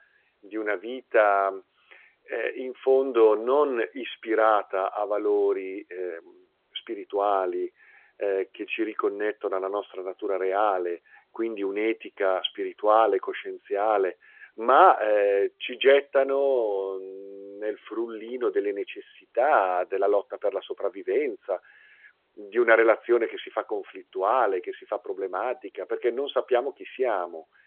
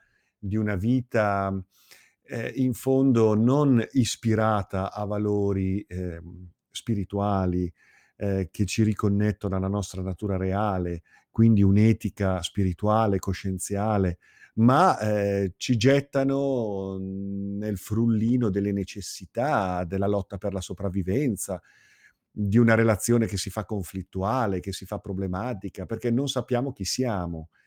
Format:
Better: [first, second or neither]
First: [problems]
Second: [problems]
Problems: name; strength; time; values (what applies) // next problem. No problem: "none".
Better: second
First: phone-call audio; nothing above 3.5 kHz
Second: none